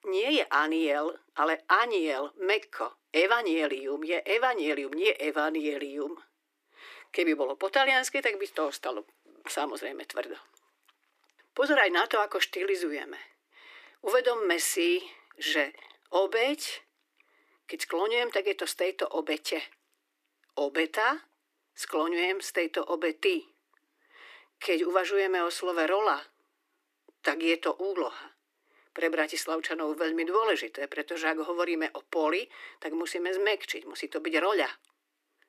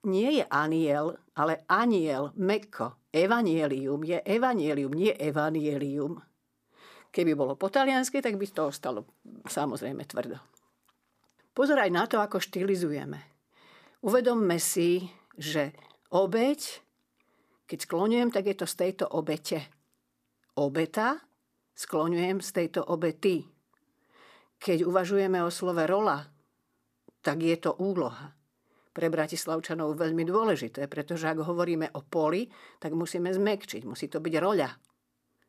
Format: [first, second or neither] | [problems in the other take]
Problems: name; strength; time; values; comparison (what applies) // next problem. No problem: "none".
second | thin; somewhat; fading below 300 Hz